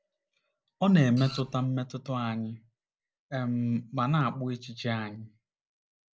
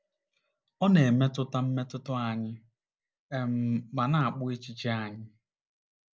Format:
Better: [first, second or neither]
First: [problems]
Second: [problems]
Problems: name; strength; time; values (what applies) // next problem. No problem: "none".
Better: second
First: background sound (Printer); 13 dB below the speech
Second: none